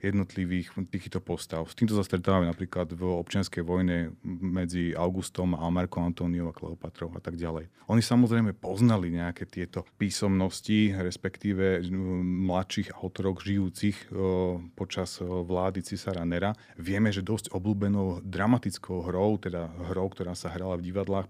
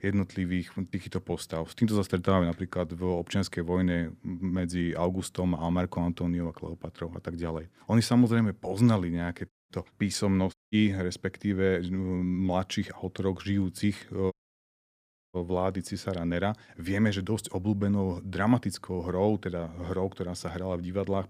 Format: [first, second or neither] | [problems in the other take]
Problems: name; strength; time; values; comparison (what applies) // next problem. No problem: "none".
first | audio cutting out; at 9.5 s, at 11 s and at 14 s for 1 s